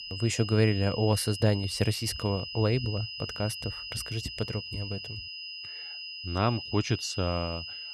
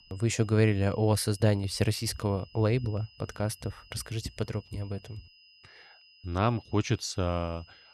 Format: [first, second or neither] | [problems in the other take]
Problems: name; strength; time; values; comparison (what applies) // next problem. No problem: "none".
second | high-pitched whine; loud; throughout; 5 kHz, 7 dB below the speech; faint in the second